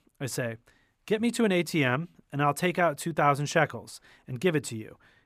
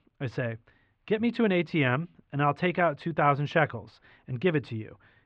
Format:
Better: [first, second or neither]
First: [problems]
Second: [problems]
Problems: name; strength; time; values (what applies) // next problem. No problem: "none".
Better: first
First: none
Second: muffled; very; fading above 3.5 kHz